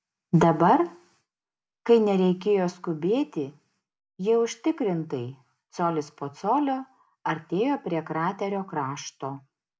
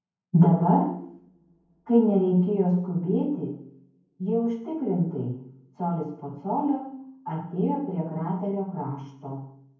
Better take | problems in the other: first | room echo; dies away in 0.9 s

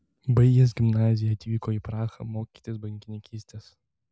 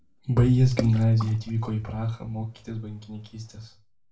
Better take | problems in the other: first | background sound (Water / Splash, splatter); 14 dB below the speech // room echo; dies away in 0.2 s

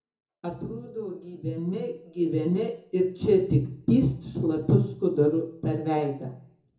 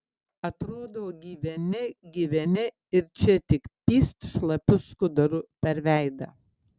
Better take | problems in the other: second | room echo; dies away in 0.6 s

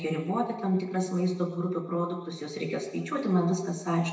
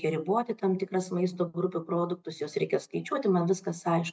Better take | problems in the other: second | room echo; dies away in 0.9 s

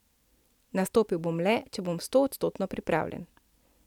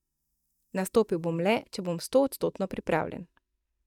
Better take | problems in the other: first | noise reduction (neural mask model DeepFilterNet 3)

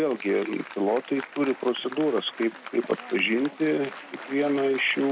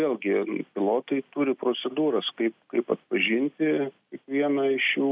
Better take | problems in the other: second | background sound (Applause); 15 dB below the speech

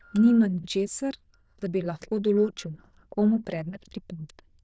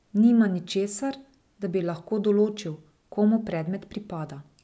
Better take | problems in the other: second | noise reduction (neural diffusion model UNIVERSE++)

